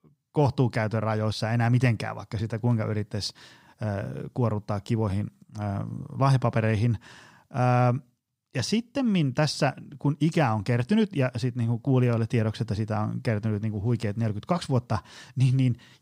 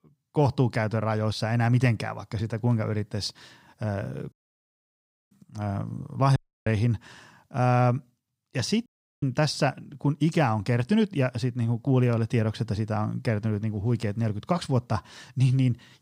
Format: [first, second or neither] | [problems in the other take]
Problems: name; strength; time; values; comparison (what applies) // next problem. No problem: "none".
first | audio cutting out; at 4.5 s for 1 s, at 6.5 s and at 9 s